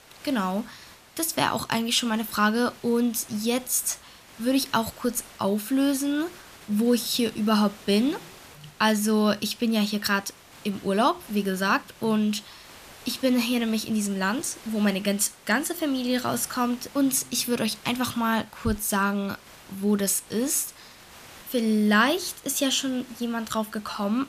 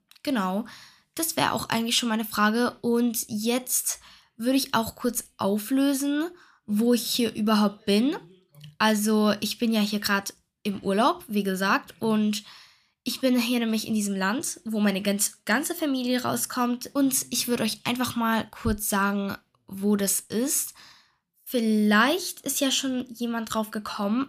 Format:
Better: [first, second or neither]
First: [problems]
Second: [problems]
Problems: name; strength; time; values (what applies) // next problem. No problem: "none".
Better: second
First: hiss; faint; throughout; 20 dB below the speech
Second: none